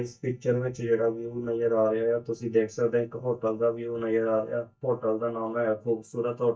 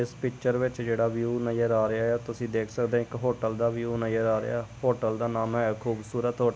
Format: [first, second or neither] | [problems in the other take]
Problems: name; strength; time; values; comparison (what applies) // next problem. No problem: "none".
second | noise reduction (neural mask model DeepFilterNet 3)